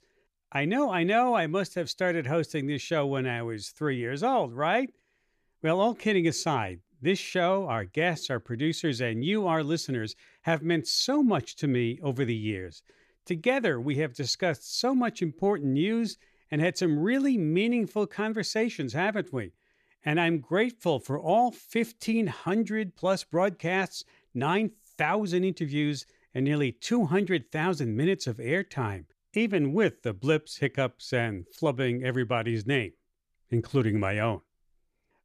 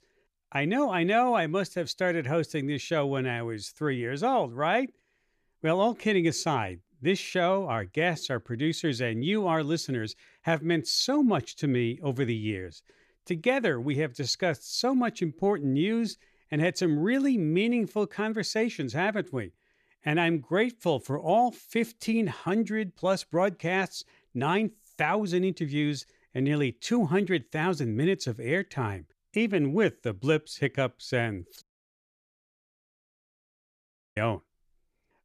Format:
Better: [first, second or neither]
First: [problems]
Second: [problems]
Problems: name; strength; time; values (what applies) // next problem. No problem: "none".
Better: first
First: none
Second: audio cutting out; at 32 s for 2.5 s